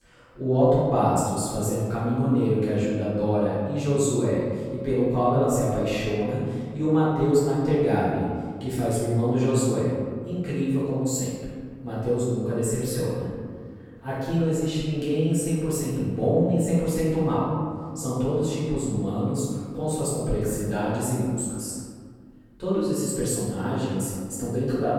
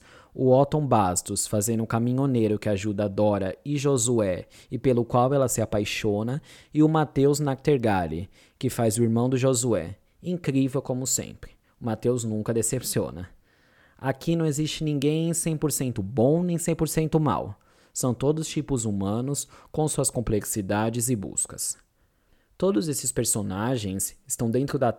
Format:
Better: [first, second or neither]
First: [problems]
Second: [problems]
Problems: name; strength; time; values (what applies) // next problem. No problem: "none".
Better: second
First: room echo; strong; dies away in 1.9 s // off-mic speech; far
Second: none